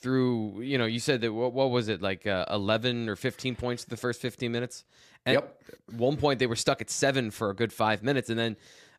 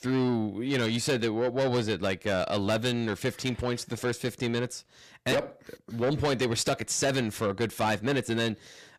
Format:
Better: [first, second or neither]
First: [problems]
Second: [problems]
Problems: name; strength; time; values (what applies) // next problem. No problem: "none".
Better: first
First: none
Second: distortion; heavy; 8 dB below the speech